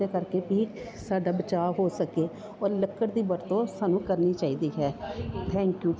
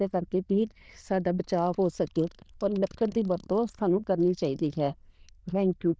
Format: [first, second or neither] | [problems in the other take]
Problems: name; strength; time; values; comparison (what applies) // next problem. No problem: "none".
first | noise reduction (neural diffusion model UNIVERSE++)